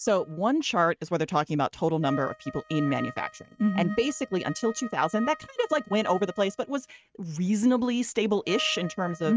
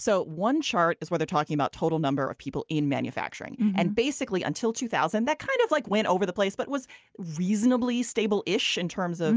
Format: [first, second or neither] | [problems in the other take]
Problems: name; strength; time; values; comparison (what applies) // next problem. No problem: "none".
second | noise reduction (neural mask model RNNoise)